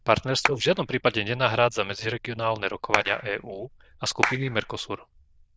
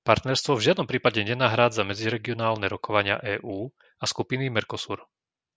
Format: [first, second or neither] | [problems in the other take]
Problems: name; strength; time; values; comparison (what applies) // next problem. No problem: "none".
second | noise reduction (neural diffusion model UNIVERSE++)